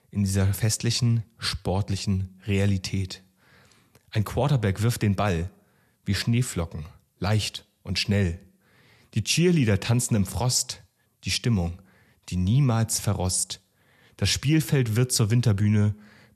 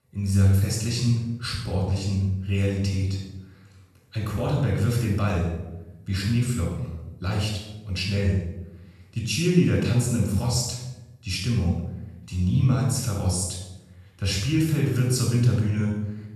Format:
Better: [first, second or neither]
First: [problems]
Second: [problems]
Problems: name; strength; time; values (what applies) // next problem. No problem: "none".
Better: first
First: none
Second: off-mic speech; far // room echo; noticeable; dies away in 0.8 s